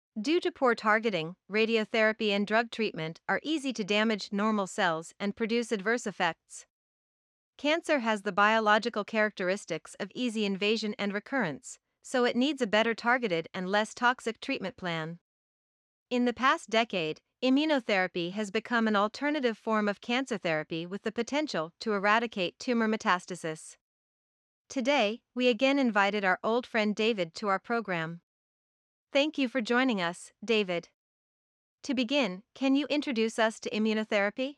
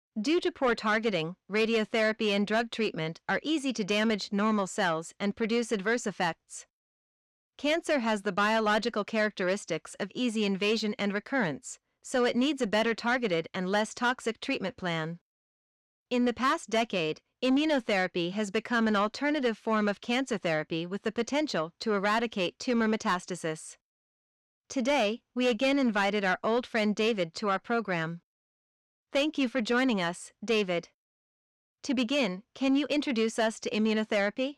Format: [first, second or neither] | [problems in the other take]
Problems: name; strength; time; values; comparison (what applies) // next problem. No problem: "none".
first | distortion; slight; 10 dB below the speech